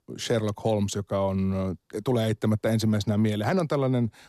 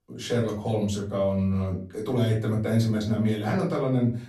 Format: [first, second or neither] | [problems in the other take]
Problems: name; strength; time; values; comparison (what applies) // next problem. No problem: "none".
first | room echo; slight; dies away in 0.3 s // off-mic speech; far